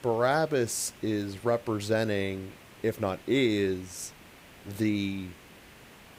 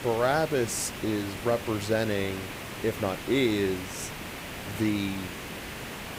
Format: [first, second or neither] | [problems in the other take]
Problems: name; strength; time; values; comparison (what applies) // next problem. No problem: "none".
first | hiss; loud; throughout; 8 dB below the speech; faint in the first